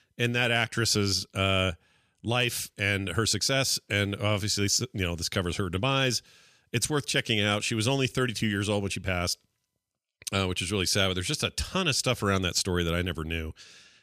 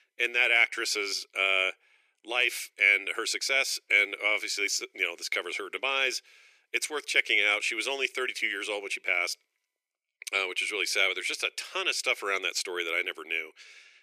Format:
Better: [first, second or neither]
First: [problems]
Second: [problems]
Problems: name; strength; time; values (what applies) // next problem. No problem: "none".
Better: first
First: none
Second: thin; very; fading below 350 Hz